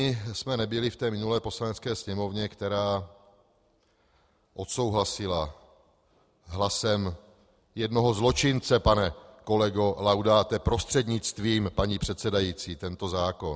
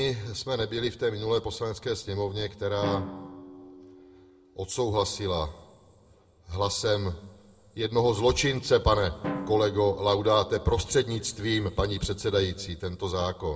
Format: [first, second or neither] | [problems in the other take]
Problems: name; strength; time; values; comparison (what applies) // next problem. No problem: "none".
first | background sound (Drum); 16 dB below the speech // room echo; dies away in 1 s